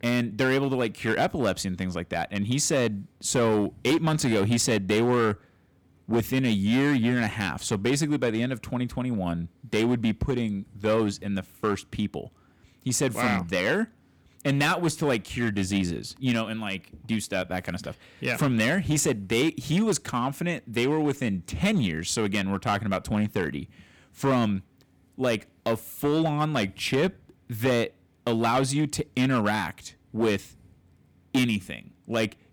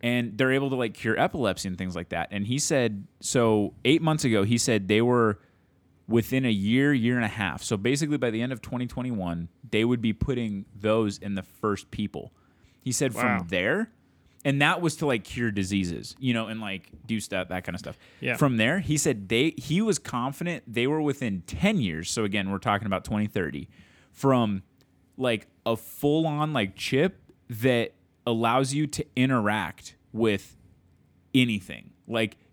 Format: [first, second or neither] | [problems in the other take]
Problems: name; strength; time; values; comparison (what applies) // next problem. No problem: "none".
second | distortion; slight; 6% of the sound clipped